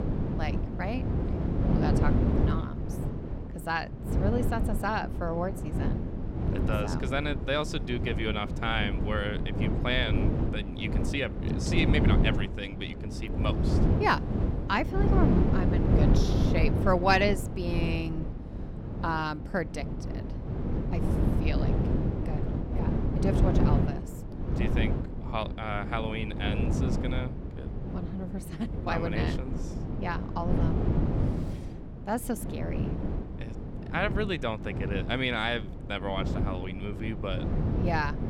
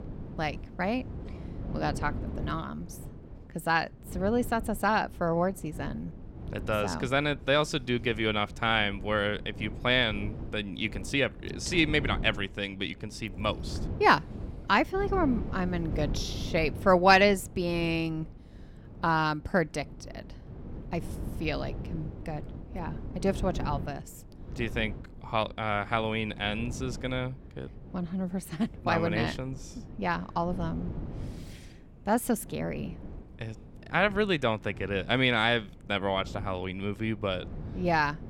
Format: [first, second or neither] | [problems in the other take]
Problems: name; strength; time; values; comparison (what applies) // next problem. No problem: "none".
second | wind noise on the microphone; heavy; 5 dB below the speech; occasional gusts in the second